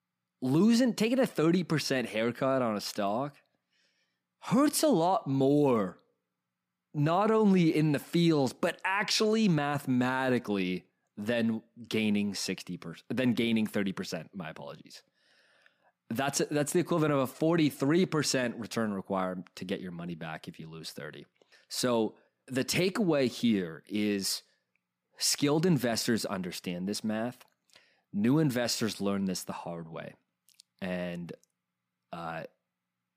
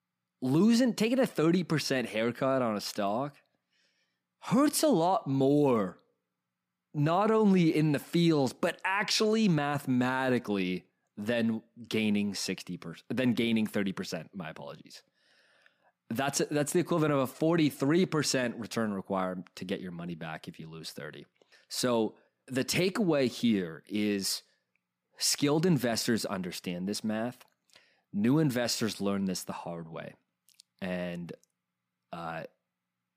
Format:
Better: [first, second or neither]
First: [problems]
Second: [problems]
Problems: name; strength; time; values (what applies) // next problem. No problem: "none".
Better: neither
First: none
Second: none